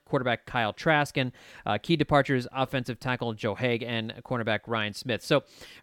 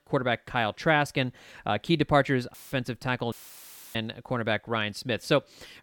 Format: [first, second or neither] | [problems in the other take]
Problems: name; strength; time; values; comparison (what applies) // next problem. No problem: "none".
first | audio cutting out; filled with static; at 2.5 s and at 3.5 s for 0.5 s